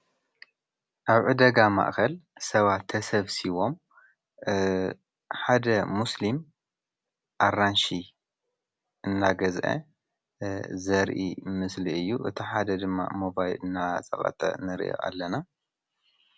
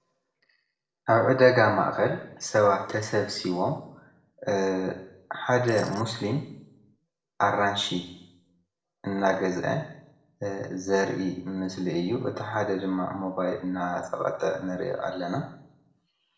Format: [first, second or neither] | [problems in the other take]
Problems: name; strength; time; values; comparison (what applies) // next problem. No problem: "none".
first | noise reduction (neural separator model SepFormer DNS4)